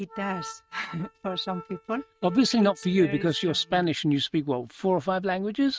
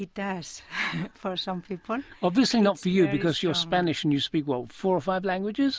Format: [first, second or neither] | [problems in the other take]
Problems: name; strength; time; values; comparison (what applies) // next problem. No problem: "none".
second | noise reduction (neural mask model RNNoise)